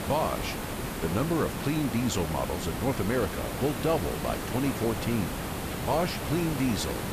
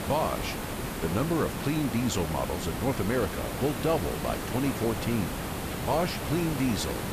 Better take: neither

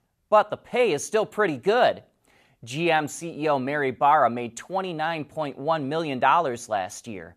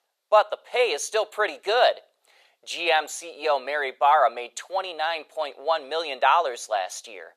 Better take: first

